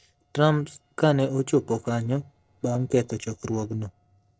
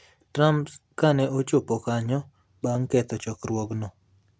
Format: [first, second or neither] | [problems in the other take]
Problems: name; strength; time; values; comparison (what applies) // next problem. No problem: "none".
second | noise reduction (neural separator model SepFormer DNS4)